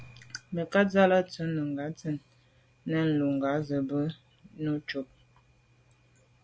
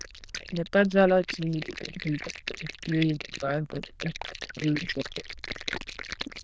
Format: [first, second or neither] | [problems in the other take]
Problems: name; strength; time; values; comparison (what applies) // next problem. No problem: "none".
first | noise reduction (neural diffusion model UNIVERSE++)